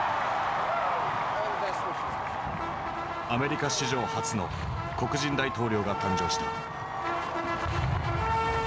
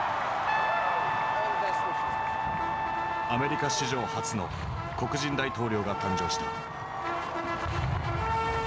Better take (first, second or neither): first